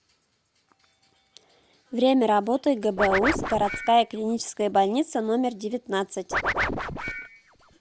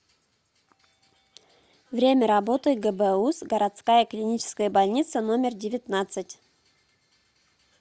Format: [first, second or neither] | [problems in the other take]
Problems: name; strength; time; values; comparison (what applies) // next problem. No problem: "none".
second | background sound (Scratching (performance technique)); 4 dB below the speech